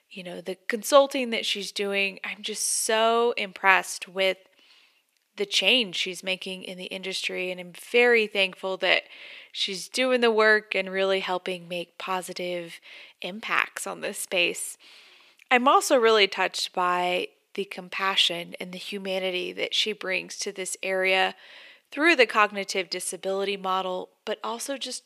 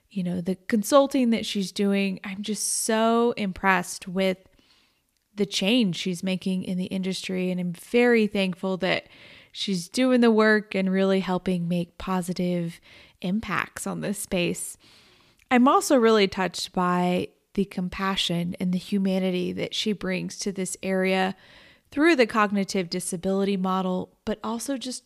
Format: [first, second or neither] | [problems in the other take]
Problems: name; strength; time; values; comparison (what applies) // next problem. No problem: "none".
second | thin; somewhat; fading below 500 Hz